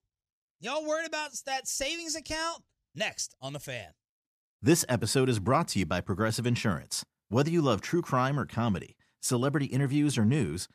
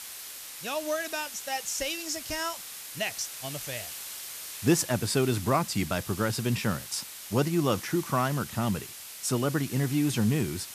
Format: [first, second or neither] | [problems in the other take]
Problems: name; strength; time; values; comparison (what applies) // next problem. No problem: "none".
first | hiss; loud; throughout; 9 dB below the speech